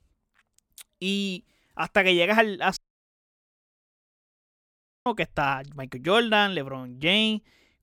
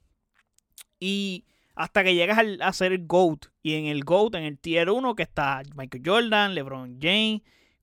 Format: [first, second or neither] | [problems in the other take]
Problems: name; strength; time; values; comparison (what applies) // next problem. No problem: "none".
second | audio cutting out; at 3 s for 2.5 s